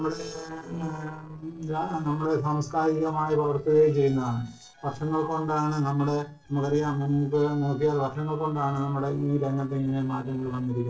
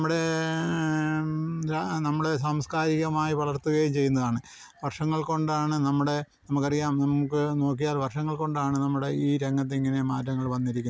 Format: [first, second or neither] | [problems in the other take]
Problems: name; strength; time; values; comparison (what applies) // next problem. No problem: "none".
second | noise reduction (neural separator model SepFormer DNS4)